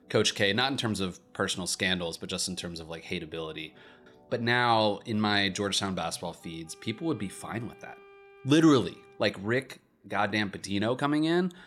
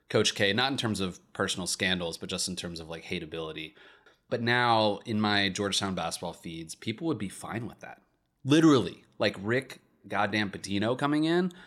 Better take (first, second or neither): second